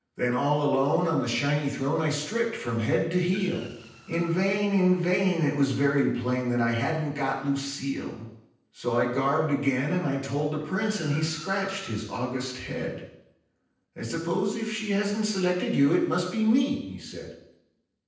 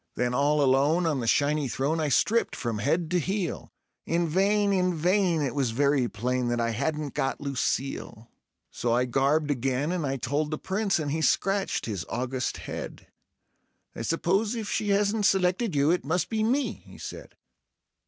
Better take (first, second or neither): second